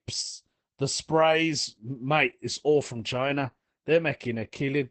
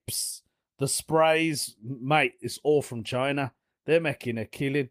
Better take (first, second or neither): second